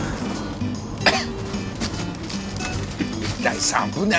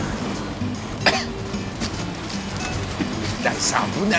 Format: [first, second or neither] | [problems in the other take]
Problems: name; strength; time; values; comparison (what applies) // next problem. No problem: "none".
first | background sound (Waves, surf); 9 dB below the speech